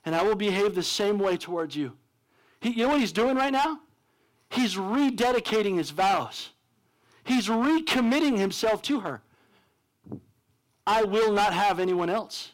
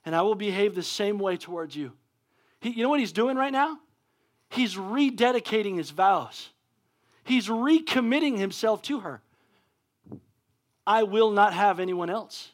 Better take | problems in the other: second | distortion; heavy; 13% of the sound clipped

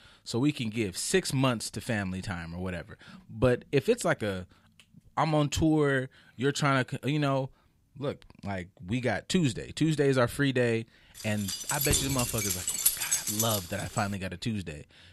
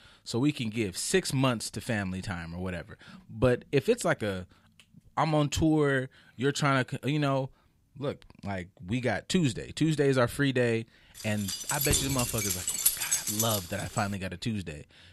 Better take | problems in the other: neither | jangling keys; loud; from 11 to 14 s; peak 5 dB above the speech; the same in both

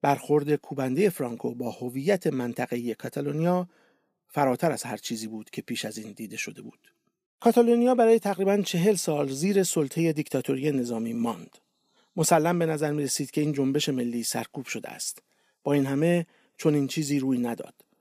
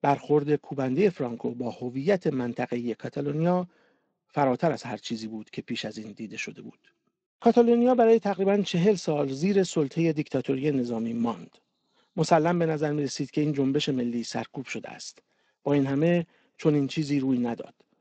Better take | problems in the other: first | garbled, watery; slightly; nothing above 8 kHz

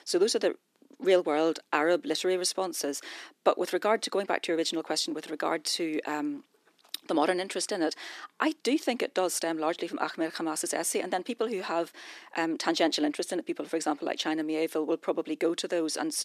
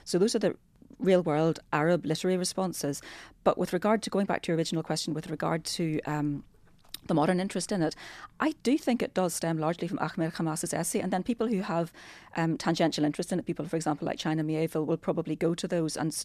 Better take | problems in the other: second | thin; somewhat; fading below 300 Hz

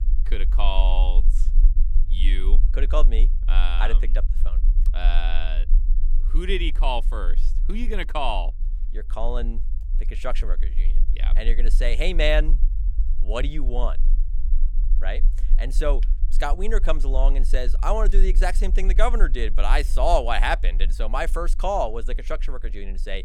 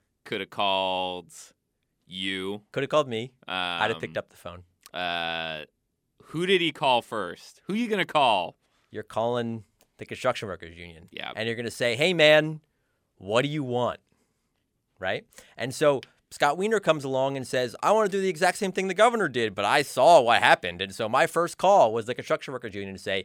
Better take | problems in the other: second | low rumble; faint; throughout; 25 dB below the speech

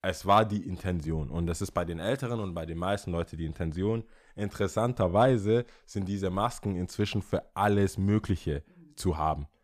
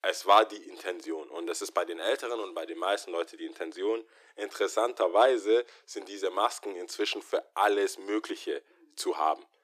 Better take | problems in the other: first | thin; very; fading below 300 Hz

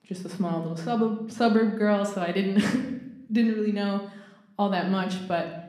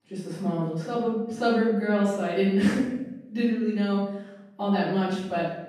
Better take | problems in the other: first | room echo; strong; dies away in 0.8 s; slight in the first // off-mic speech; far

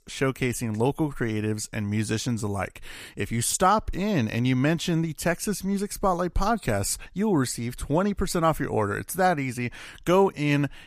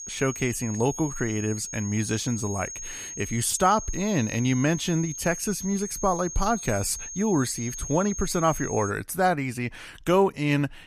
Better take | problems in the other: first | high-pitched whine; loud; until 9 s; 6.5 kHz, 9 dB below the speech

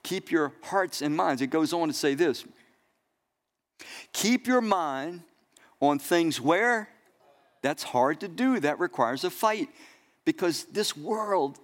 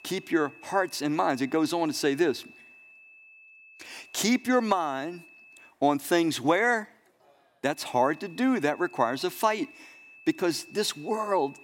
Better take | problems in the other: first | high-pitched whine; faint; until 5.5 s and from 8 s on; 2.5 kHz, 25 dB below the speech

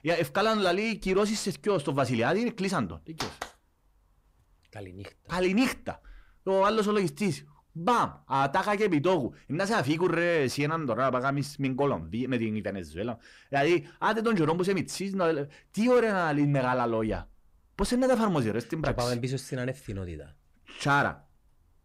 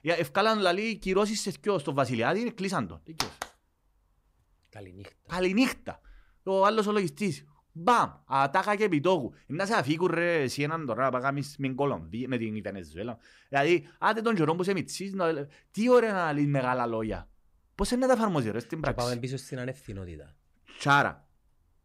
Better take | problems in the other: second | distortion; slight; 10 dB below the speech

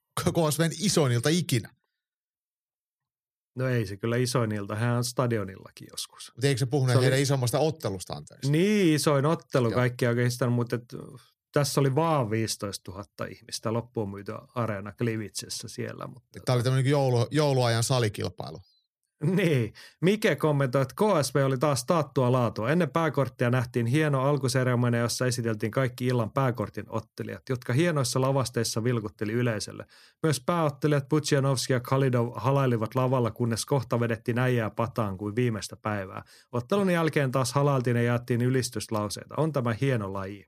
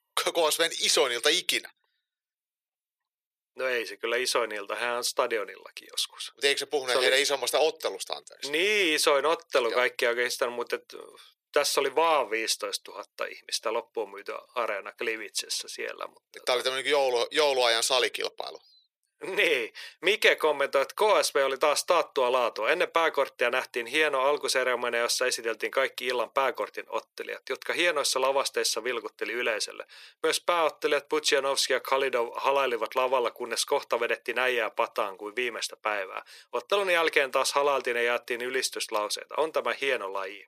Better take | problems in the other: first | thin; very; fading below 450 Hz

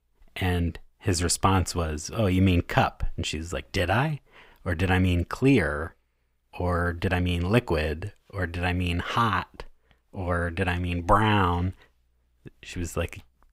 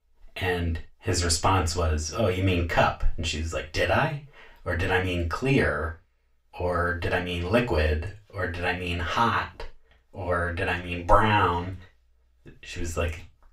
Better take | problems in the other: first | room echo; very slight; dies away in 0.3 s // off-mic speech; far

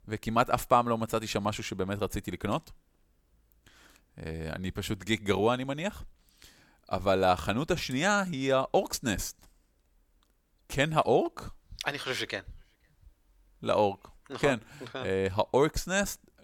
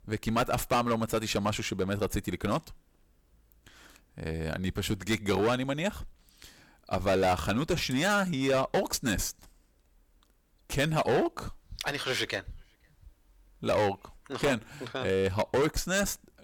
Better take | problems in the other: first | distortion; heavy; 6% of the sound clipped

